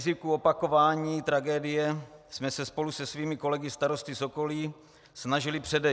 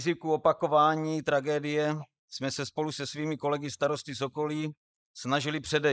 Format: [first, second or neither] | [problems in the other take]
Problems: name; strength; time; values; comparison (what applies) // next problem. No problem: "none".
first | noise reduction (neural mask model Resemble Enhance denoiser)